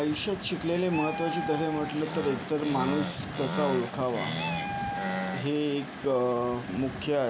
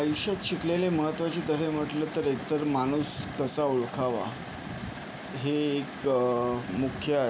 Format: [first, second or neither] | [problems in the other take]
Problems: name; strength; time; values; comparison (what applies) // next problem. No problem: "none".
second | background sound (Meow + Animal); 6 dB below the speech